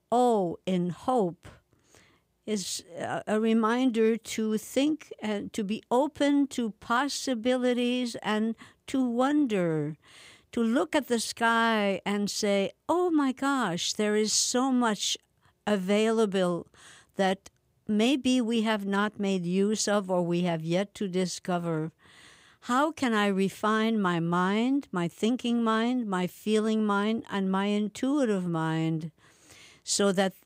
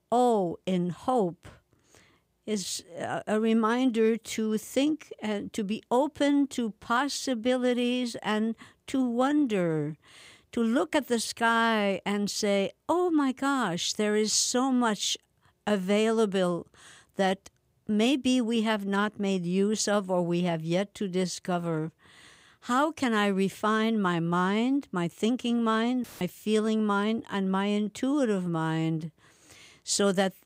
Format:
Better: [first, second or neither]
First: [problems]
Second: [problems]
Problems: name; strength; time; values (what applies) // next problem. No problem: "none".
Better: first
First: none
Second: audio cutting out; filled with static; at 26 s